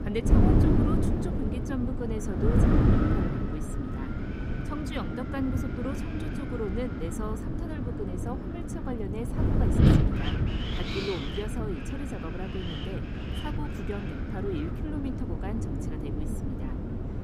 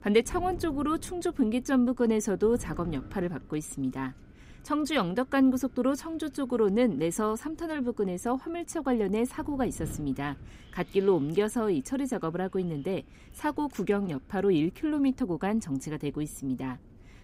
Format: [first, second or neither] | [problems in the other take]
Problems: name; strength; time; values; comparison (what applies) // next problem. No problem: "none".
second | wind noise on the microphone; heavy; 3 dB above the speech; occasional gusts in the second